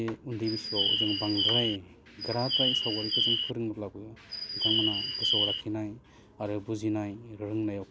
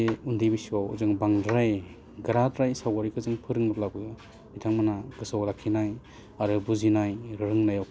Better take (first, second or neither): second